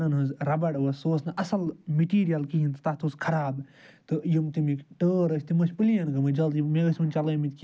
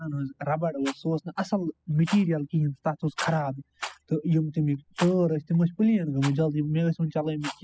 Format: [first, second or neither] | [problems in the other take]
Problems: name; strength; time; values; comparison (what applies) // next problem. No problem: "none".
first | noise reduction (classical method spectral subtraction)